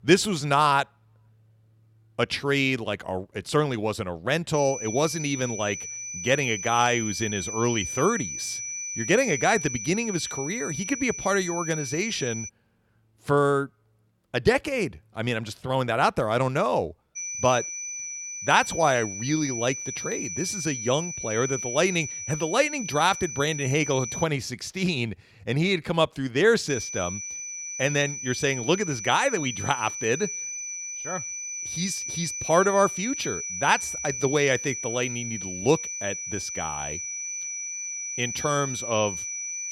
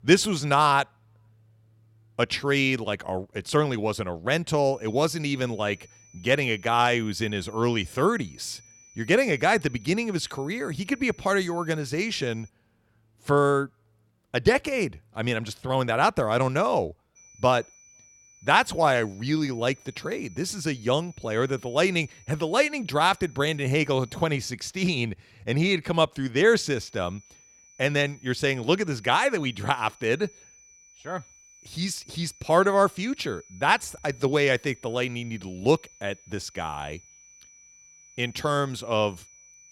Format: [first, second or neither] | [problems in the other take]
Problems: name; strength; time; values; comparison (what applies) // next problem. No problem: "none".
second | high-pitched whine; loud; from 4.5 to 12 s, from 17 to 24 s and from 27 s on; 6 kHz, 6 dB below the speech; faint in the second